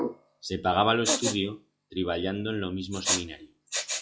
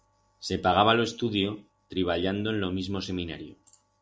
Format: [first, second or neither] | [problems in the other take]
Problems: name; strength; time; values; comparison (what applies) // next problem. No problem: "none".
second | noise reduction (classical method log-MMSE)